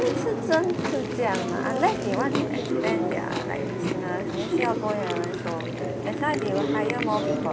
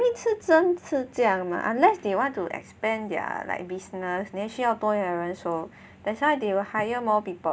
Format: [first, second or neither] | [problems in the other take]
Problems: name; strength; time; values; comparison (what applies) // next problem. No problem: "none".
second | background sound (Chewing, mastication); 1 dB above the speech